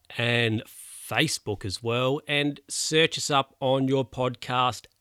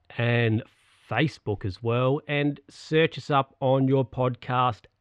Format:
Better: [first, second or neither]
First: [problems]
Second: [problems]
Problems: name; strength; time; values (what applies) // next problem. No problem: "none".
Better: first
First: none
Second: muffled; very; fading above 2 kHz